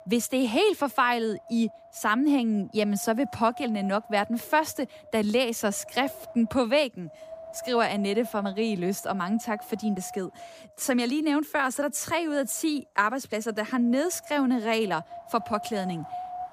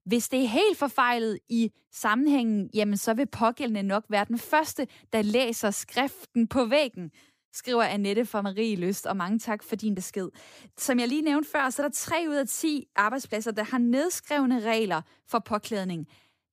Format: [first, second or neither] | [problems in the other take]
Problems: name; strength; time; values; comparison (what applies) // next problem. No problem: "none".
second | wind noise on the microphone; occasional gusts; 15 dB below the speech